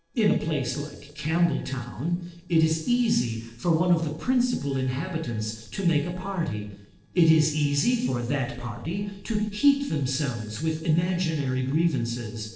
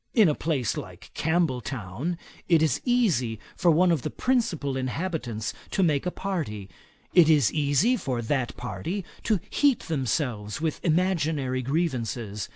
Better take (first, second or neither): second